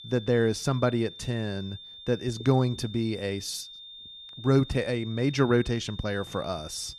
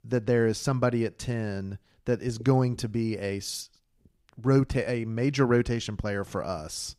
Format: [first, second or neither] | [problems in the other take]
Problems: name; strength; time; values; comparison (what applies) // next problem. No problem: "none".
second | high-pitched whine; noticeable; throughout; 3.5 kHz, 15 dB below the speech